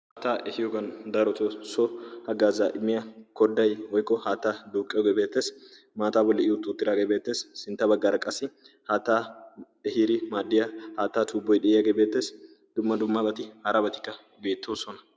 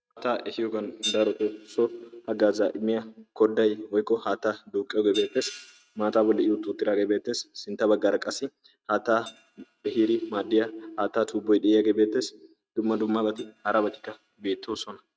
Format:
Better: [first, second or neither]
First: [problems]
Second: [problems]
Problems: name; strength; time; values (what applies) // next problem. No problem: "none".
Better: first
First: none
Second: noise reduction (neural mask model RNNoise)